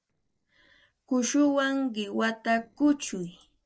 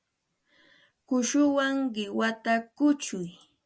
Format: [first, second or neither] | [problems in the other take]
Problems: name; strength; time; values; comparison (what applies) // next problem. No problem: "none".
second | noise reduction (neural separator model SepFormer DNS4)